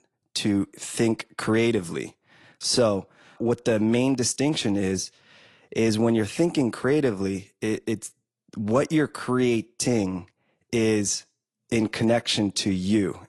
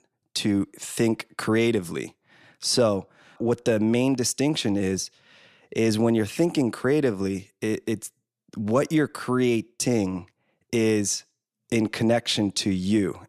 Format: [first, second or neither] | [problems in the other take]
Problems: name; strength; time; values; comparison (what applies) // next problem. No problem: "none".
second | garbled, watery; slightly; nothing above 11 kHz